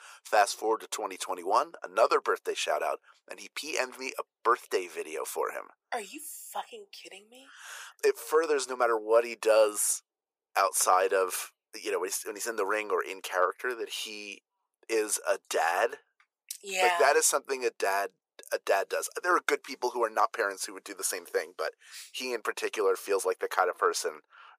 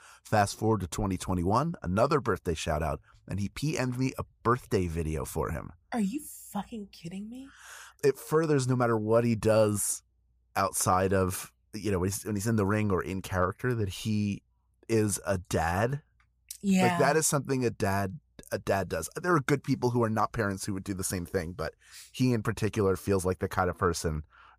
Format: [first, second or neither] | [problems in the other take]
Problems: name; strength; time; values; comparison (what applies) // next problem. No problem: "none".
second | thin; very; fading below 400 Hz